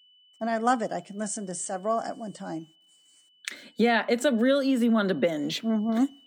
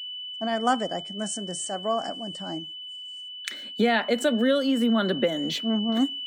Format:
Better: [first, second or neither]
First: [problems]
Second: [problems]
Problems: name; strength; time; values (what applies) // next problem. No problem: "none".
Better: first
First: high-pitched whine; faint; throughout; 3 kHz, 30 dB below the speech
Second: high-pitched whine; loud; throughout; 3 kHz, 9 dB below the speech